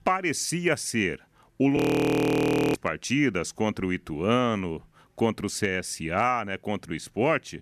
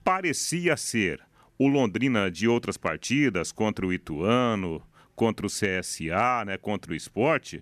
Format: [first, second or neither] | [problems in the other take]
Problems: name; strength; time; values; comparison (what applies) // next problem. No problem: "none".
second | audio freezing; at 2 s for 1 s